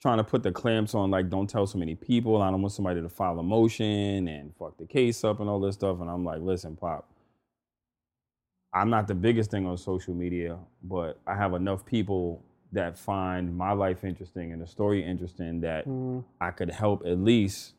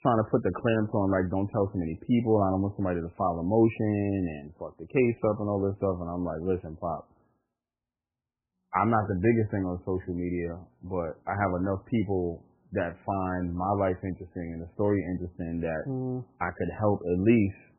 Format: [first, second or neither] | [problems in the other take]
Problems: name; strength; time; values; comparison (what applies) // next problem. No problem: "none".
first | garbled, watery; badly; nothing above 3 kHz